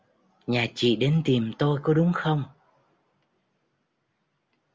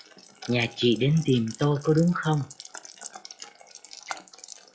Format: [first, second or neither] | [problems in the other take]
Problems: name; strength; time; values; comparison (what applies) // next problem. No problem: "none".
first | noise reduction (classical method log-MMSE)